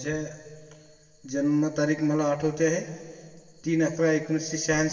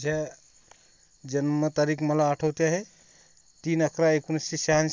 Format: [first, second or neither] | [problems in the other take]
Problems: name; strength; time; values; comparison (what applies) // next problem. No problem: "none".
second | room echo; dies away in 1.9 s